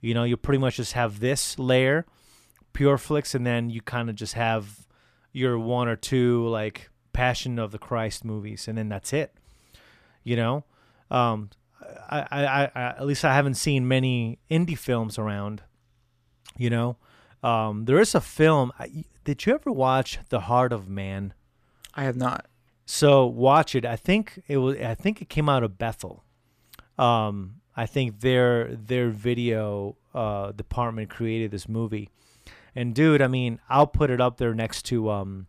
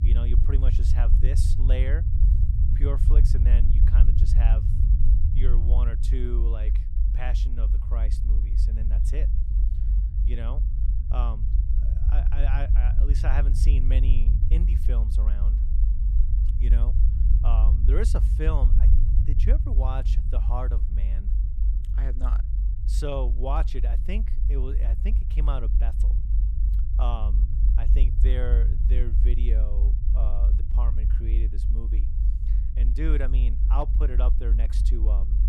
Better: first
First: none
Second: low rumble; loud; throughout; 5 dB below the speech

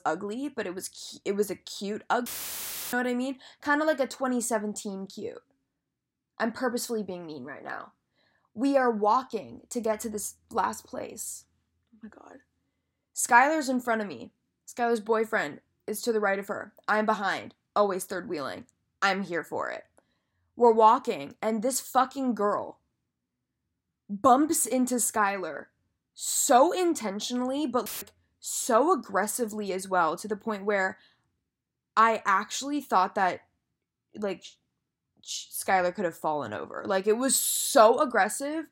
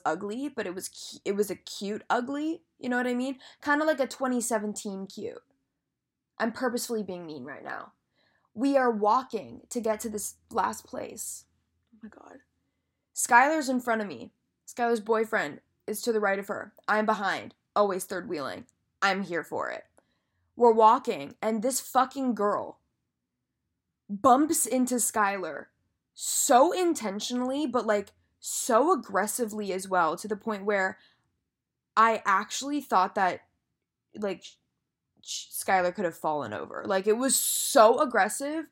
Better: second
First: audio cutting out; filled with static; at 2.5 s for 0.5 s and at 28 s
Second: none

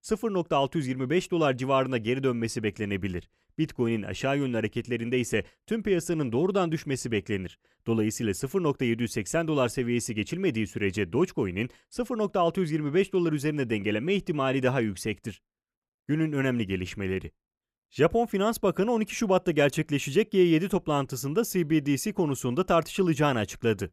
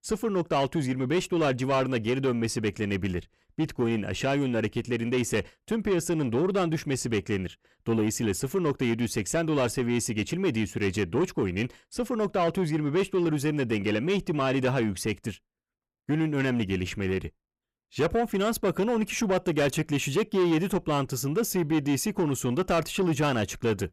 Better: first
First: none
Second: distortion; slight; 10 dB below the speech

